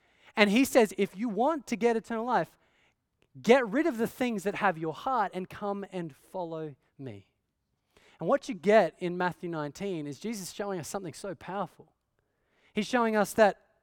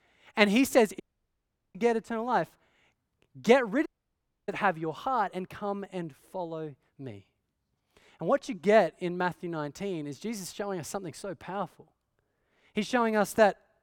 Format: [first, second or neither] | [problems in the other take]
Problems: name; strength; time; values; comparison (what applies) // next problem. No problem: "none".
first | audio cutting out; at 1 s for 0.5 s and at 4 s for 0.5 s